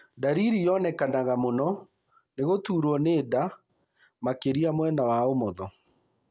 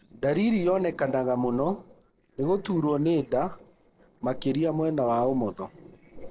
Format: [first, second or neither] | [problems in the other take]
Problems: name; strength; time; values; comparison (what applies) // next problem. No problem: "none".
first | noise reduction (neural separator model SepFormer DNS4)